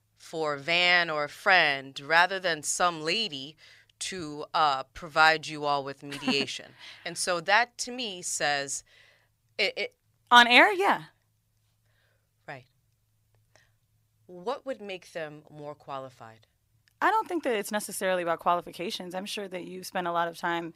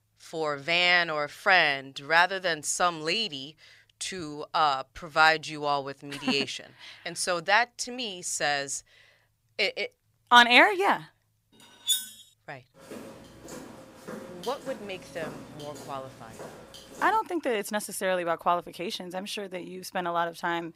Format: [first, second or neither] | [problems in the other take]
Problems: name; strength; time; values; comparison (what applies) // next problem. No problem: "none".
first | clattering dishes; noticeable; at 12 s; peak 1 dB below the speech // footsteps; faint; from 13 to 17 s; peak 15 dB below the speech